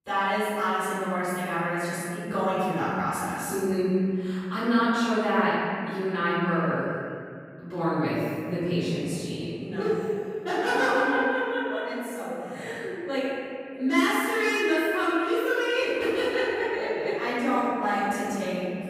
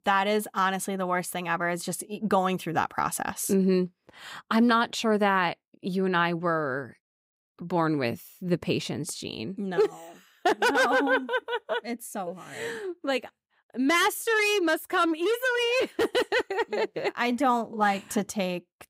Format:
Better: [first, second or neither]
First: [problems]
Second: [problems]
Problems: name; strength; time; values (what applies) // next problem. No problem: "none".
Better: second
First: room echo; strong; dies away in 2.3 s // off-mic speech; far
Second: none